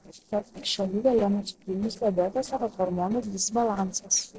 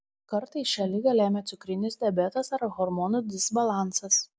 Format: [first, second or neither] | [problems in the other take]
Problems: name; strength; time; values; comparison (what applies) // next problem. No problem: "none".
second | noise reduction (neural separator model SepFormer DNS4)